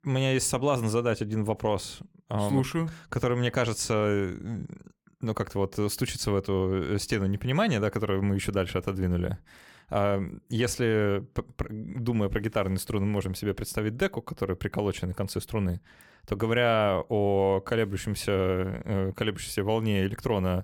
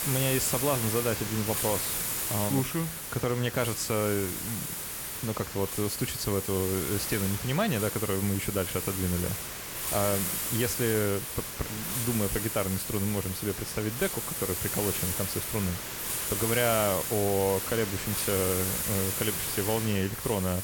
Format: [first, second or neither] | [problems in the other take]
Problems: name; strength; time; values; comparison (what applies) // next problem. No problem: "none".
first | hiss; loud; throughout; 1 dB below the speech